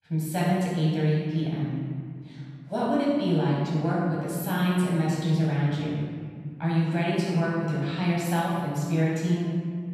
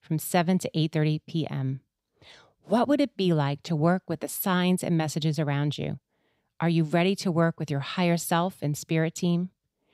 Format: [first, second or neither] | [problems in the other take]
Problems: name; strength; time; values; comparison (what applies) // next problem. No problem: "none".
second | off-mic speech; far // room echo; strong; dies away in 2 s